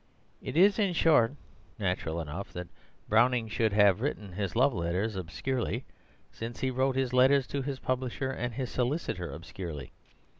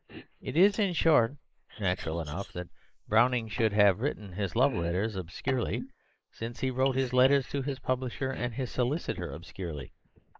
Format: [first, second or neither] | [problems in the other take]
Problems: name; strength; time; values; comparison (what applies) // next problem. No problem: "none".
first | noise reduction (neural mask model Resemble Enhance denoiser)